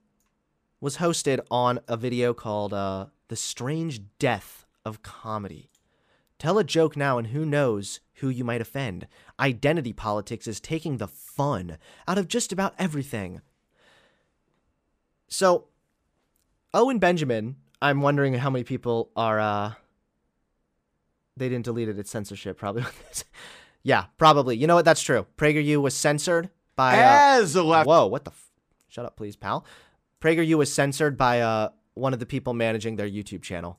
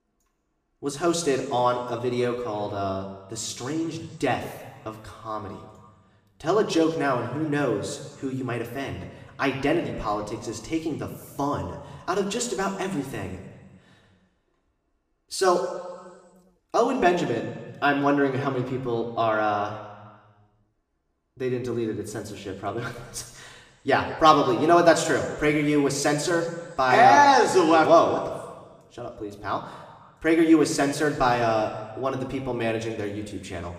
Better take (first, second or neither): first